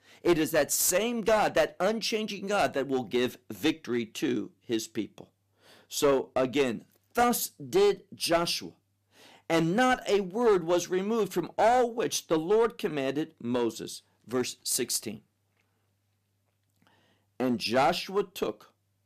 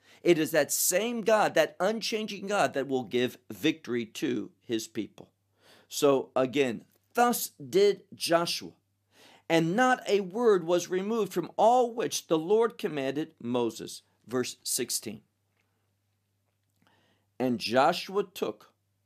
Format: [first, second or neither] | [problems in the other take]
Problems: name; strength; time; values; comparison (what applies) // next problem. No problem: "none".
second | distortion; slight; 4% of the sound clipped